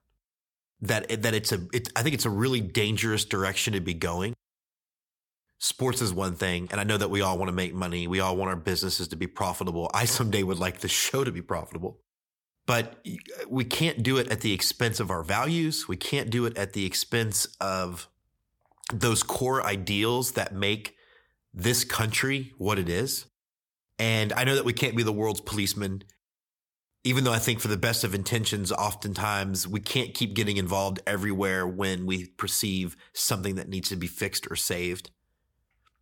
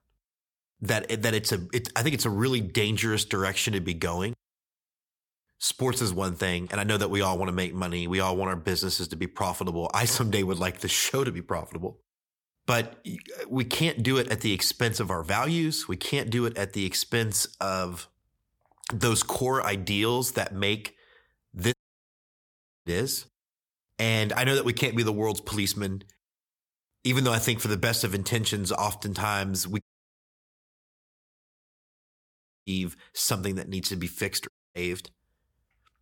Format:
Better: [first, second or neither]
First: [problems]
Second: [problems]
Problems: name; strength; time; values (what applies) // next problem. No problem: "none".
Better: first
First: none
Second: audio cutting out; at 22 s for 1 s, at 30 s for 3 s and at 35 s